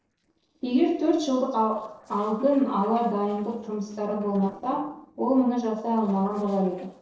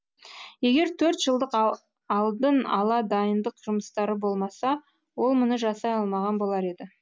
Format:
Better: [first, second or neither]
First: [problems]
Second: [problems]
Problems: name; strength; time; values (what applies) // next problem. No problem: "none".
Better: second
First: noise reduction (neural separator model SepFormer DNS4)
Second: none